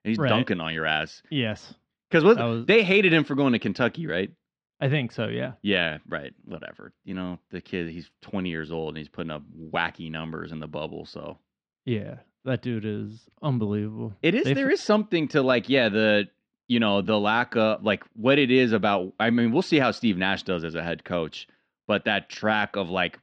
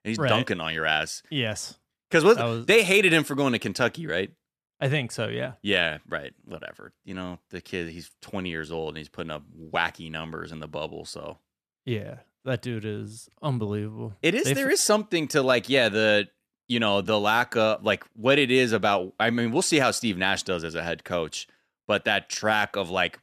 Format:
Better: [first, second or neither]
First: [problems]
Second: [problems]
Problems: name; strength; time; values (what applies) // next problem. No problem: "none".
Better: second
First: muffled; slightly; fading above 4 kHz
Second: none